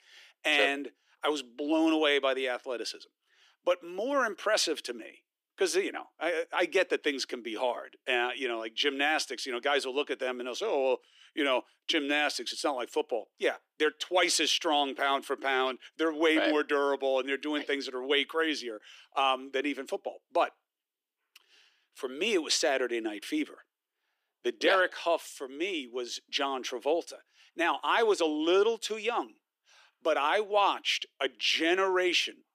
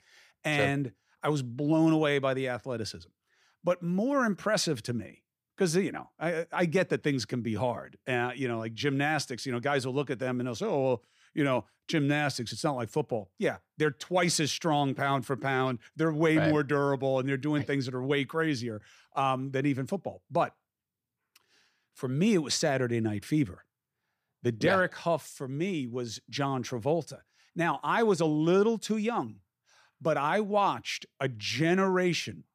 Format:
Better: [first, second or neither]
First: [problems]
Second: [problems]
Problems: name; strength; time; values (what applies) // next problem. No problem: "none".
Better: second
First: thin; somewhat; fading below 300 Hz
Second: none